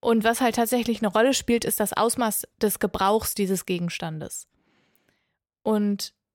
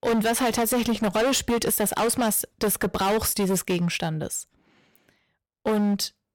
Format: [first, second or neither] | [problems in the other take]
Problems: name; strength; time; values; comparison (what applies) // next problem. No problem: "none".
first | distortion; heavy; 18% of the sound clipped